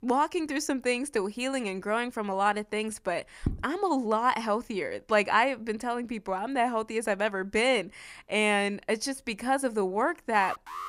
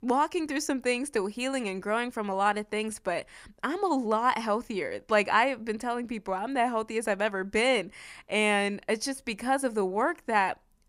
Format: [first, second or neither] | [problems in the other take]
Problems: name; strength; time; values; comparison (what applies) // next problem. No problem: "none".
second | footsteps; noticeable; at 3.5 s; peak 7 dB below the speech // alarm; noticeable; at 10 s; peak 10 dB below the speech